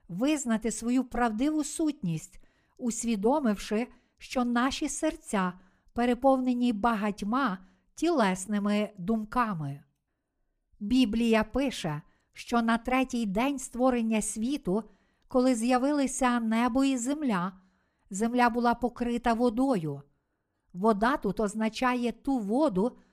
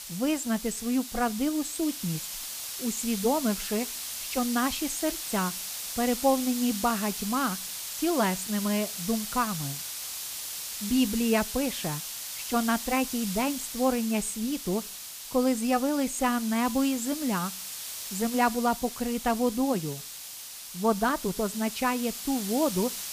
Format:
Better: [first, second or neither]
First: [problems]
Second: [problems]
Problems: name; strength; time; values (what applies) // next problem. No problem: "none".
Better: first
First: none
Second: hiss; loud; throughout; 6 dB below the speech